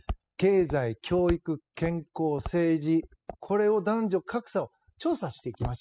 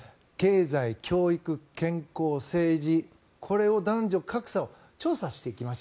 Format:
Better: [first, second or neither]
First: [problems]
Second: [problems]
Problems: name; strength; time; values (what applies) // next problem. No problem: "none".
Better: second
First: noise reduction (classical method spectral subtraction)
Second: none